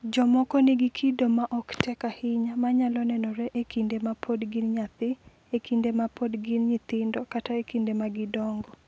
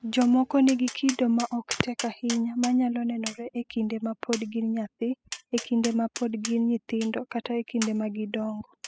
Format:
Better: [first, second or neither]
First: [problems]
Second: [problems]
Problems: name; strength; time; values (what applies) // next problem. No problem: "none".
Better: first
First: none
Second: noise reduction (classical method spectral subtraction)